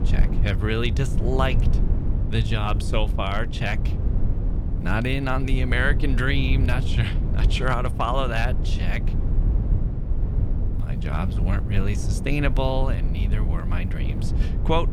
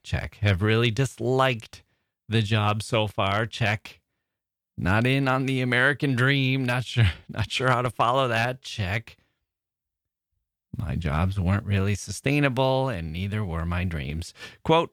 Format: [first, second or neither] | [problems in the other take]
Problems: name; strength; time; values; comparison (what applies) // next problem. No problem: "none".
second | low rumble; noticeable; throughout; 10 dB below the speech